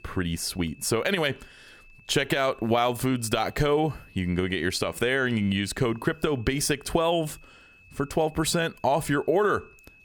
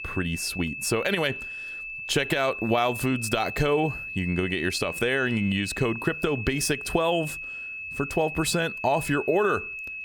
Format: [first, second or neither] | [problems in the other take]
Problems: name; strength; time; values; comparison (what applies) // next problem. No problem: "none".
first | high-pitched whine; loud; throughout; 2.5 kHz, 7 dB below the speech; faint in the first